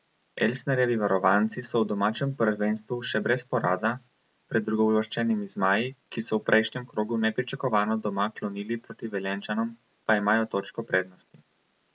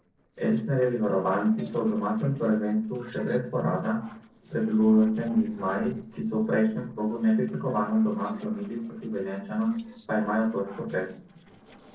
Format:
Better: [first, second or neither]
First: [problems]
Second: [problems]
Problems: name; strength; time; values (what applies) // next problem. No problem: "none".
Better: first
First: none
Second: noise reduction (neural separator model SepFormer DNS4)